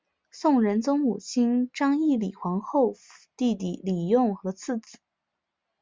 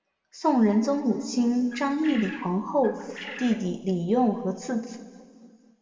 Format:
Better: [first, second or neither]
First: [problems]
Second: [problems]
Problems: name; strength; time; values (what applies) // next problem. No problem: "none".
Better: first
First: none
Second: background sound (Bird); 16 dB below the speech // room echo; dies away in 2 s